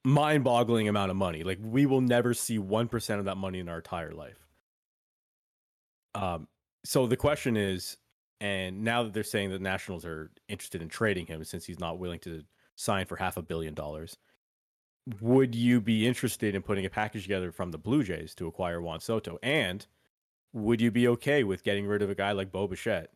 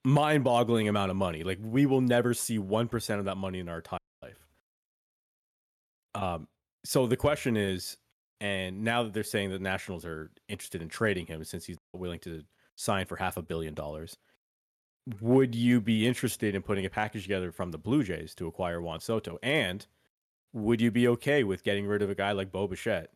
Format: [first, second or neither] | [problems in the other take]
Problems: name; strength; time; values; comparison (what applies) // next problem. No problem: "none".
first | audio cutting out; at 4 s and at 12 s